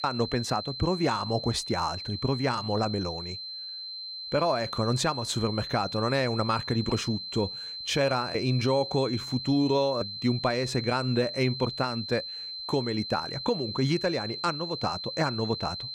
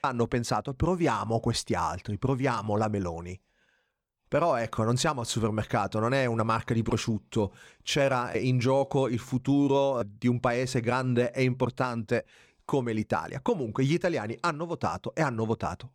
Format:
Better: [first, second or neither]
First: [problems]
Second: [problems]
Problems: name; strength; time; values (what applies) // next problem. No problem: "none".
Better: second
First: high-pitched whine; loud; throughout; 4 kHz, 6 dB below the speech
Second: none